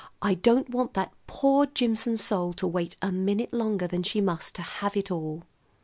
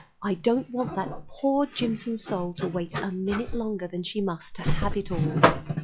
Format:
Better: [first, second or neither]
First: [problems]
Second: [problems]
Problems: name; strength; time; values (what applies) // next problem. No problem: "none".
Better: first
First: none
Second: noise reduction (classical method log-MMSE)